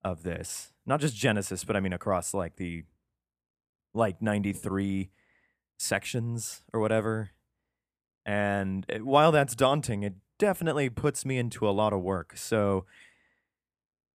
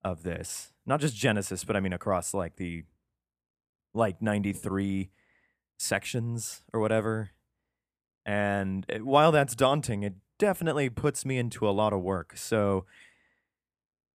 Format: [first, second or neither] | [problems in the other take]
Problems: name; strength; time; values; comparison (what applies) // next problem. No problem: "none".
neither | none